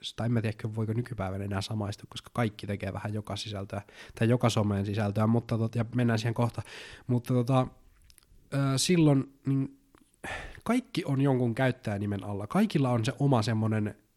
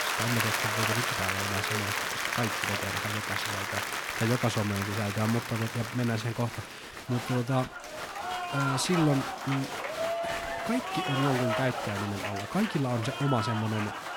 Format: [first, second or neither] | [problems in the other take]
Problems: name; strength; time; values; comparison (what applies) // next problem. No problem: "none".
first | crowd noise; loud; throughout; as loud as the speech